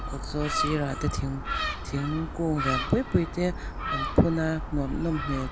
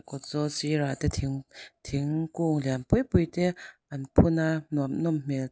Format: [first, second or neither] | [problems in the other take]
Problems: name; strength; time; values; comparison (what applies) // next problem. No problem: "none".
second | background sound (Gull, seagull); 4 dB below the speech